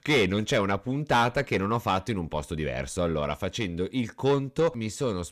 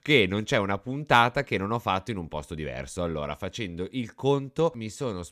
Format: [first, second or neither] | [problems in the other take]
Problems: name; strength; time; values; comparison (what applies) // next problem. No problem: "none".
second | distortion; heavy; 8 dB below the speech